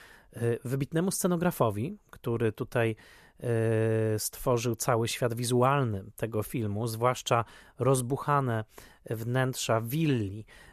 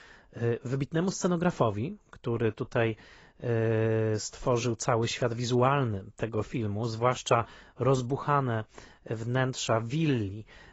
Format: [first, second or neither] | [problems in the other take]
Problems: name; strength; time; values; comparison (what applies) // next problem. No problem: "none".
first | garbled, watery; badly; nothing above 7.5 kHz